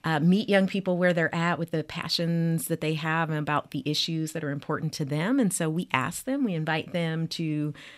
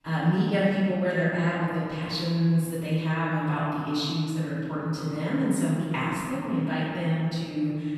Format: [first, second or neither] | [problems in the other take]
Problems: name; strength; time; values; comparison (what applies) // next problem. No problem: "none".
first | room echo; strong; dies away in 2.2 s // off-mic speech; far